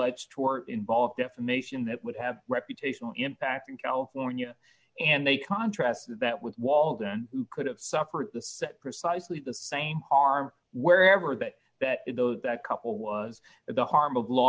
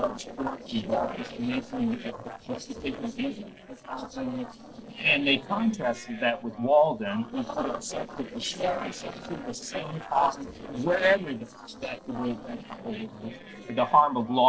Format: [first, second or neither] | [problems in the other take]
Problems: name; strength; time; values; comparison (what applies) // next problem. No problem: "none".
first | noise reduction (neural separator model SepFormer DNS4)